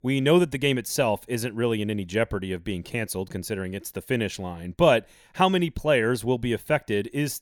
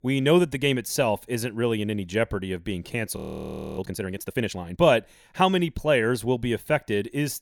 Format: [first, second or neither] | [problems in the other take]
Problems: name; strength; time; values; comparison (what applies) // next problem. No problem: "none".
first | audio freezing; at 3 s for 0.5 s